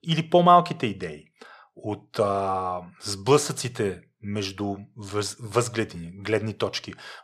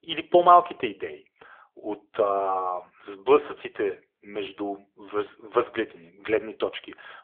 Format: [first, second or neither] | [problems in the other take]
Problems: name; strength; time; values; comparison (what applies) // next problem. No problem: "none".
first | phone-call audio; poor line; nothing above 3.5 kHz